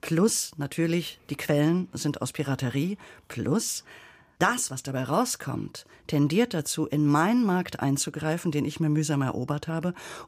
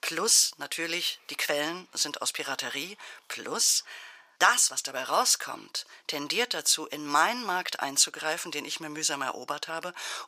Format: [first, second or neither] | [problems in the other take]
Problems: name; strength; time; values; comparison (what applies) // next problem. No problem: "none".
first | thin; very; fading below 800 Hz